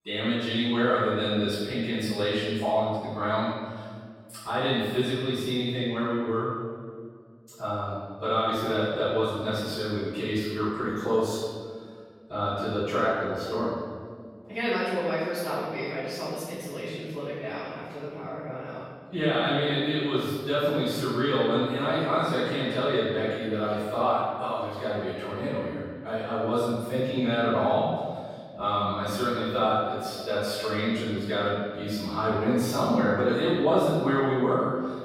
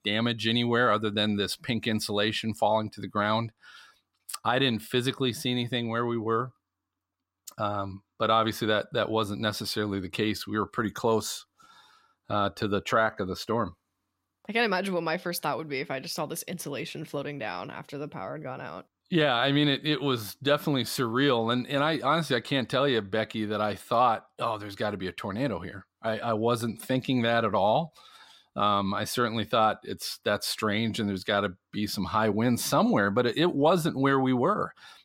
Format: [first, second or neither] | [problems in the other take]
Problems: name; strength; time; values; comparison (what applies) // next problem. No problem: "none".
second | off-mic speech; far // room echo; strong; dies away in 1.7 s